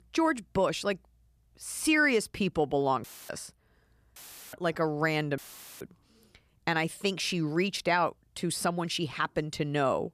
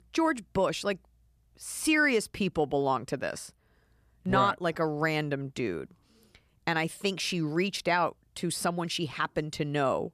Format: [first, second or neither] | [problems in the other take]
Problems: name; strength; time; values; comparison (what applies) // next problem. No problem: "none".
second | audio cutting out; filled with static; at 3 s, at 4 s and at 5.5 s